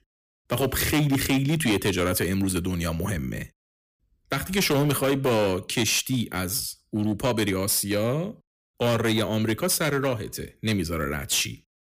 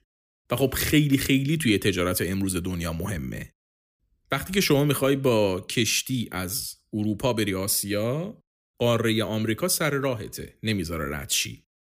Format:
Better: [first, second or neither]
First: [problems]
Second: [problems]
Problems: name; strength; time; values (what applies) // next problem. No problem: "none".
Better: second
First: distortion; slight; 8% of the sound clipped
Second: none